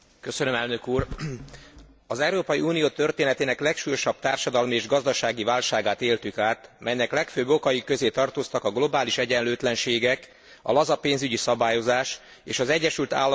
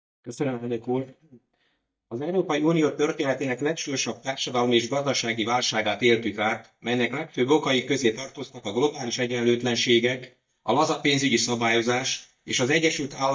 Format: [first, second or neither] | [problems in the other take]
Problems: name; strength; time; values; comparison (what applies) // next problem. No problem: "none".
first | noise reduction (neural mask model DeepFilterNet 3)